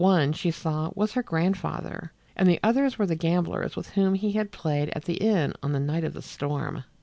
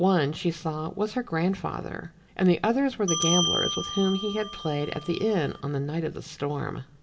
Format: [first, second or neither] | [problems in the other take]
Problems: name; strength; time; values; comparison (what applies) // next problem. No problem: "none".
first | background sound (Bell); 4 dB below the speech // room echo; dies away in 0.3 s